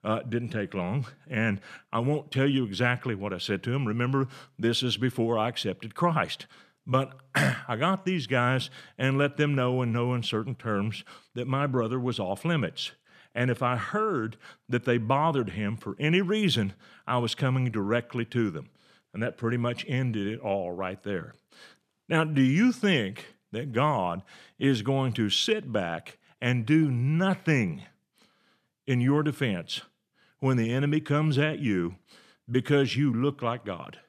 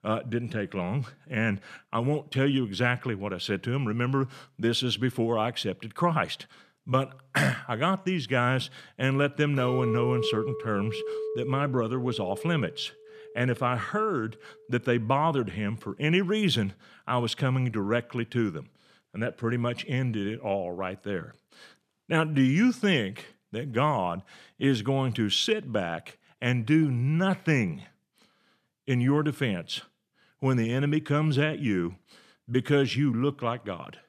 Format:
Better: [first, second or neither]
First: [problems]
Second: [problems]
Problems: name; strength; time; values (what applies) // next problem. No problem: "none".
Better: first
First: none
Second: clattering dishes; noticeable; from 9.5 to 14 s; peak 2 dB below the speech